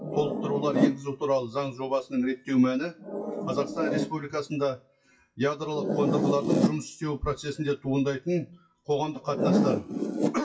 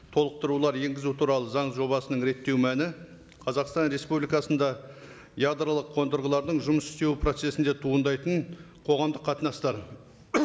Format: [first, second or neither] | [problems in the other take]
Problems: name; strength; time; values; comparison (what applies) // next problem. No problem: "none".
second | noise reduction (classical method WPE with log-MMSE)